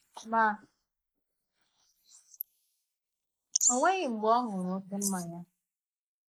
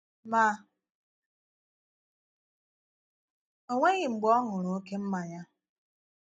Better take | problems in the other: second | noise reduction (neural mask model Resemble Enhance denoiser)

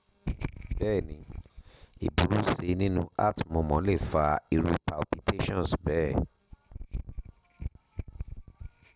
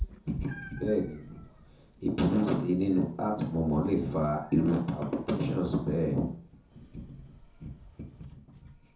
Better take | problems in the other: first | background sound (Meow); 17 dB below the speech // room echo; dies away in 0.6 s

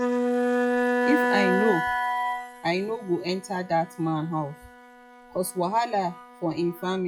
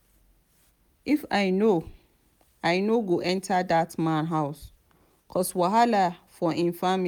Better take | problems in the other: second | noise reduction (classical method log-MMSE)

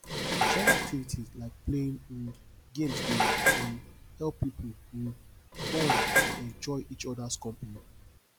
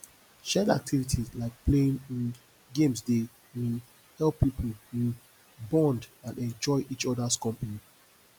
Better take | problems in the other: second | background sound (Dishes, pots, and pans); 4 dB above the speech

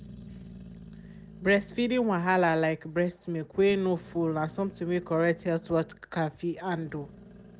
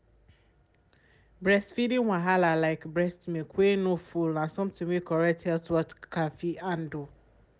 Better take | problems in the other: second | background sound (Growling); 20 dB below the speech

